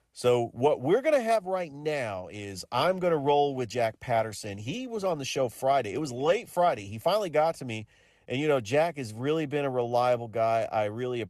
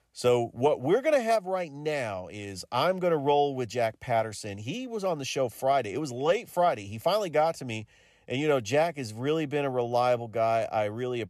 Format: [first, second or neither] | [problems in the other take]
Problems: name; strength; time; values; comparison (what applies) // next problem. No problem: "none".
second | garbled, watery; slightly; nothing above 13.5 kHz